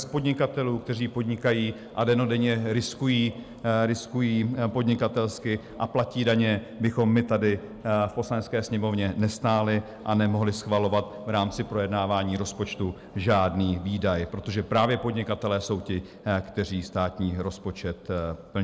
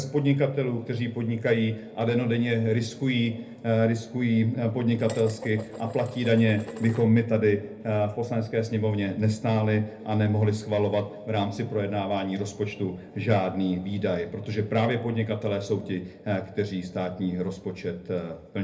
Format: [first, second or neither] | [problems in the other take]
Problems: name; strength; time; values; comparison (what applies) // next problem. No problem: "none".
first | background sound (Dishes, pots, and pans); 16 dB below the speech // room echo; dies away in 0.3 s